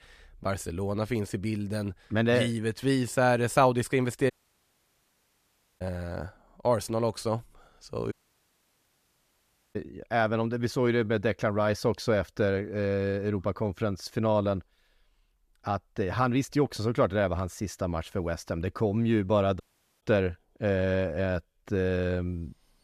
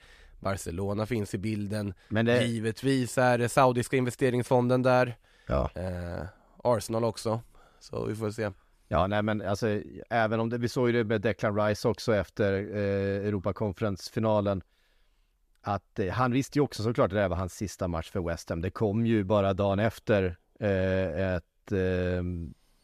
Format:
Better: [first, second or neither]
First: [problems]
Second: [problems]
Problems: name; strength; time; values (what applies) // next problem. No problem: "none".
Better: second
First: audio cutting out; at 4.5 s for 1.5 s, at 8 s for 1.5 s and at 20 s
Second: none